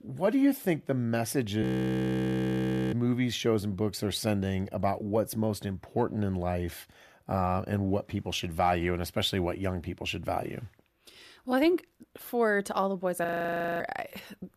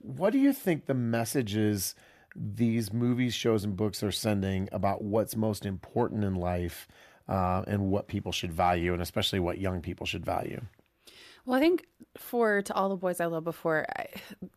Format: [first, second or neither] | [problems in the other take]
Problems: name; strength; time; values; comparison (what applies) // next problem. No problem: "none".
second | audio freezing; at 1.5 s for 1.5 s and at 13 s for 0.5 s